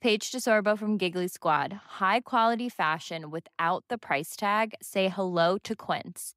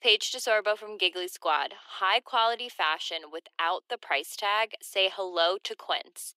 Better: first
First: none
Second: thin; very; fading below 350 Hz

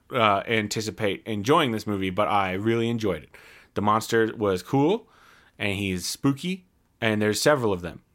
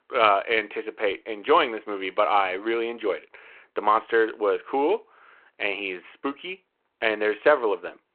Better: first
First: none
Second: phone-call audio

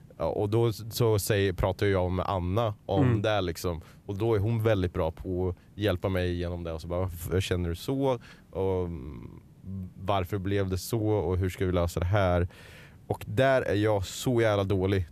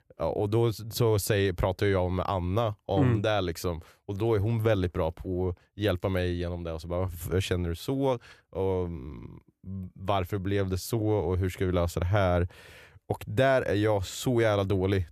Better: second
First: hiss; faint; throughout; 25 dB below the speech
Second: none

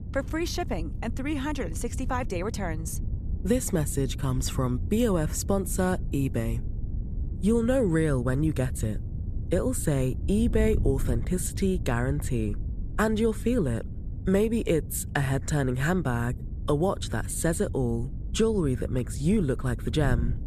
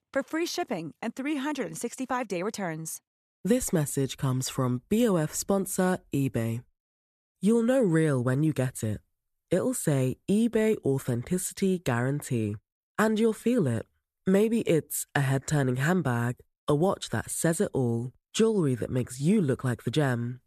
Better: second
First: wind noise on the microphone; occasional gusts; 20 dB below the speech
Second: none

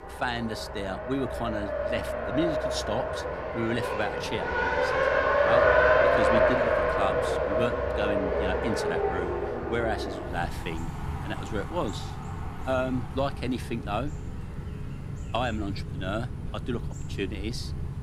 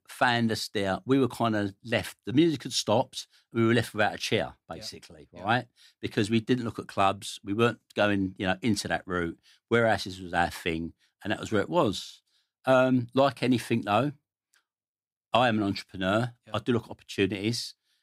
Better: second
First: traffic noise; very loud; throughout; 5 dB above the speech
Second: none

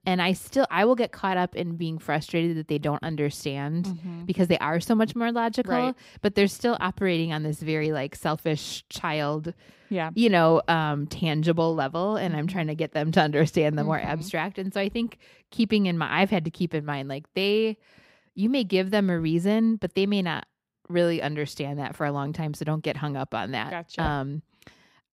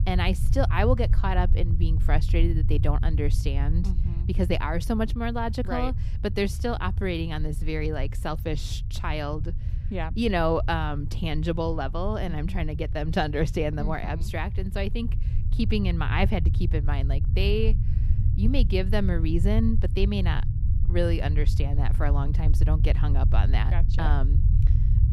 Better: first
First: none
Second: low rumble; noticeable; throughout; 15 dB below the speech

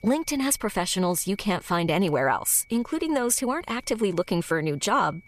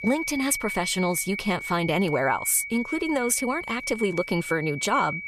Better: first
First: high-pitched whine; faint; throughout; 2 kHz, 30 dB below the speech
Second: high-pitched whine; loud; throughout; 2 kHz, 7 dB below the speech

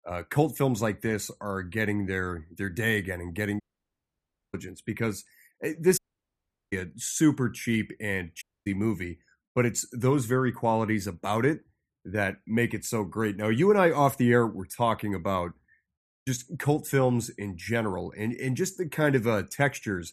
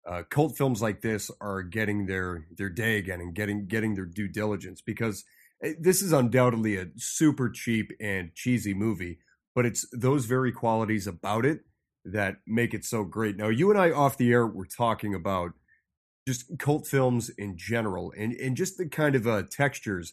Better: second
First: audio cutting out; at 3.5 s for 1 s, at 6 s for 0.5 s and at 8.5 s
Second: none

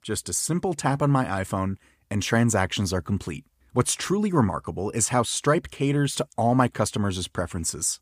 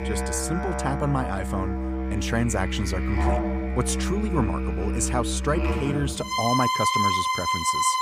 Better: first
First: none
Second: background music; very loud; throughout; 1 dB above the speech

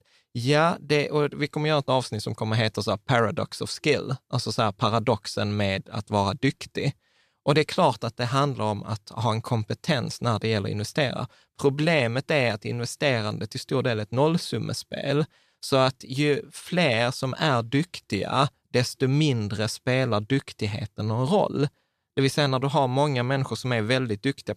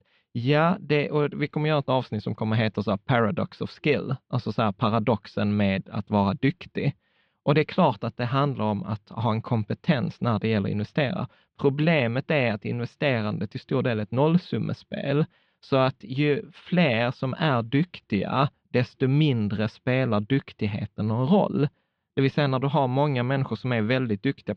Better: first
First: none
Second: muffled; slightly; fading above 3 kHz

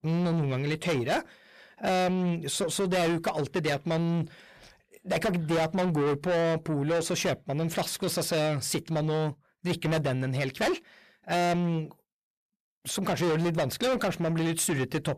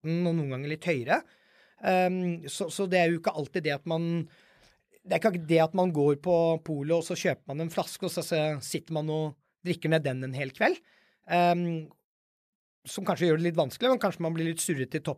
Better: second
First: distortion; heavy; 6 dB below the speech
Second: none

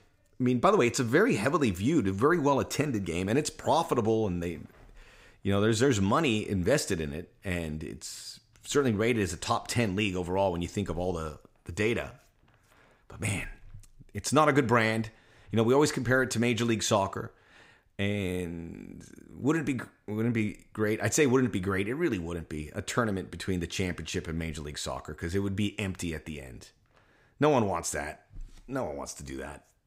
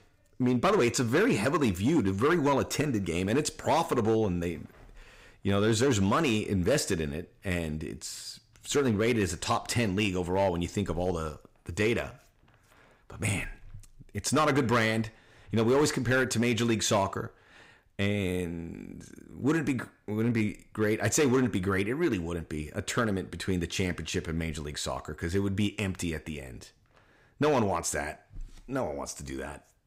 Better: first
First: none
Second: distortion; slight; 4% of the sound clipped

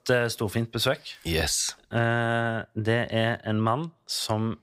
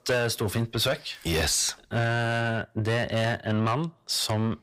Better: first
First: none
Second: distortion; heavy; 8 dB below the speech

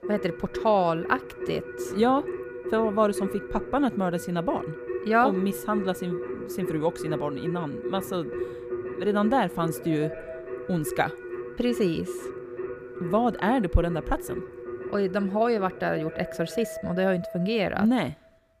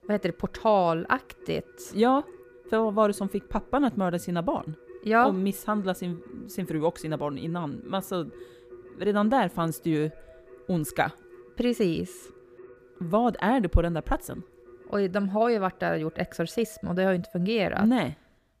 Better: second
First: background music; loud; throughout; 9 dB below the speech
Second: background music; faint; throughout; 20 dB below the speech

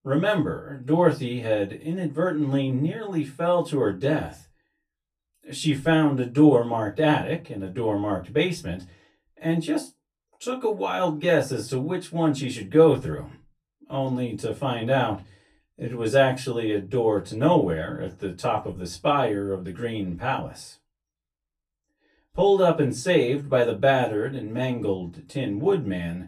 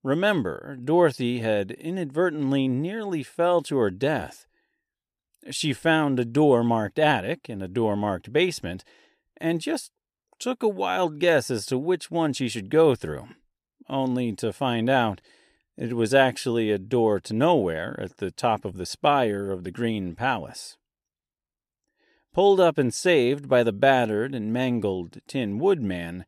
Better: second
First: off-mic speech; far // room echo; very slight; dies away in 0.2 s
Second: none

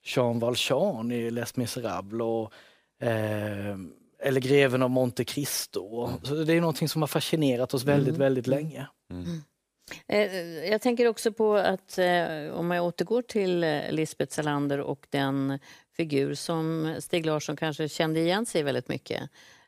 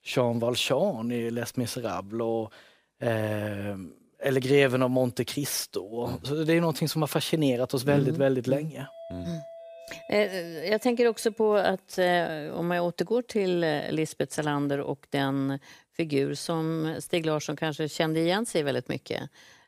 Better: first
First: none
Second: doorbell; faint; from 9 to 11 s; peak 15 dB below the speech

